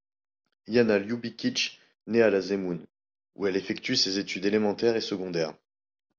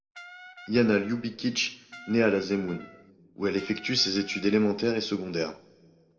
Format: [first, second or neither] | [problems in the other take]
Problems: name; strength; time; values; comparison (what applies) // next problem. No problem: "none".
first | background sound (Brass instrument); 19 dB below the speech // room echo; dies away in 0.8 s